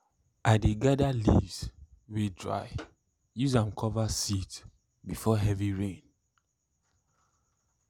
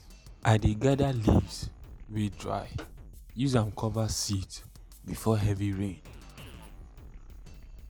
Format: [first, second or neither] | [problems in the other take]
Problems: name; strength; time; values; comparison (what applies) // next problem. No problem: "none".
first | background sound (Drum kit); 17 dB below the speech